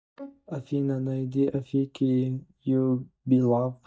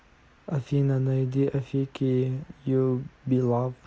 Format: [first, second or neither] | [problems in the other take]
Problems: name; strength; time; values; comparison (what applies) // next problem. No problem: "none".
second | noise reduction (neural mask model DeepFilterNet 3)